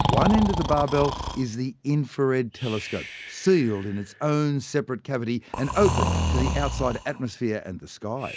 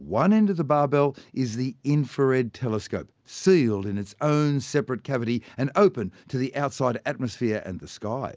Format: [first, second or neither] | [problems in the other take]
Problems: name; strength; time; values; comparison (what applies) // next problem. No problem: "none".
second | background sound (Breathing); 4 dB below the speech